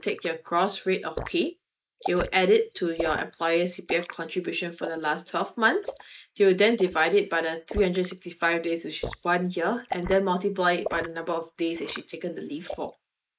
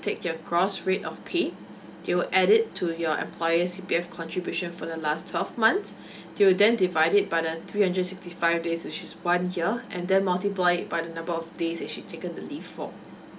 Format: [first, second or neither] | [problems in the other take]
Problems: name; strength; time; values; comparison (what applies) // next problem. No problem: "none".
second | noise reduction (neural mask model Resemble Enhance denoiser)